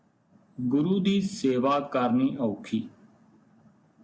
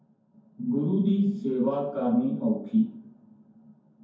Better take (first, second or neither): first